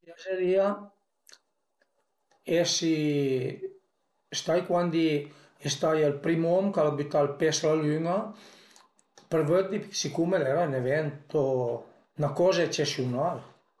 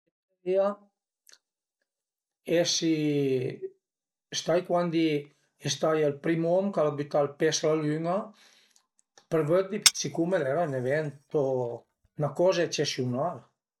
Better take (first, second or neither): first